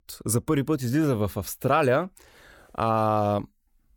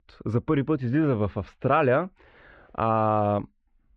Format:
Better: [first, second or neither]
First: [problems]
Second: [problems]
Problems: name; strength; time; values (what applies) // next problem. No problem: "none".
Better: first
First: none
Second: muffled; very; fading above 3 kHz